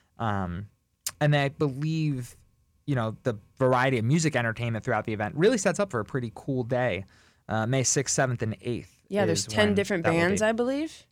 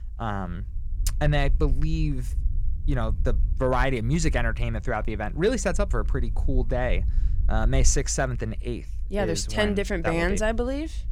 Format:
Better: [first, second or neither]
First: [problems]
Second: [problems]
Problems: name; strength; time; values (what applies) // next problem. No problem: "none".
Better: first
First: none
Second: low rumble; faint; throughout; 25 dB below the speech